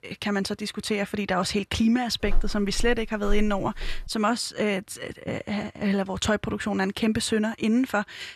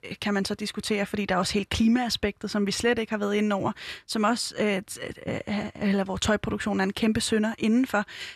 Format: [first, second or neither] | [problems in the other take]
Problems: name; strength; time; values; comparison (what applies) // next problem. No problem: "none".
second | footsteps; noticeable; from 2.5 to 4 s; peak 8 dB below the speech